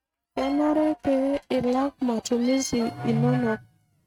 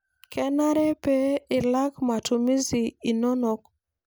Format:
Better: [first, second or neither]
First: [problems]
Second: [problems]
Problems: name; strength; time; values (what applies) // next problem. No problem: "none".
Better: second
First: noise reduction (neural mask model RNNoise)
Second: none